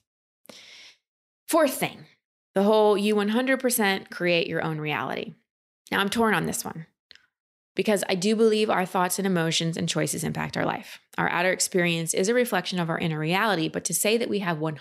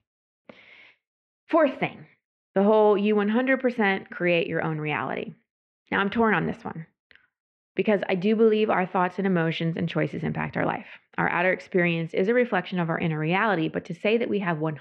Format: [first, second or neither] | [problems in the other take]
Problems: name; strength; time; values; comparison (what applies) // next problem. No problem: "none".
first | muffled; very; fading above 2.5 kHz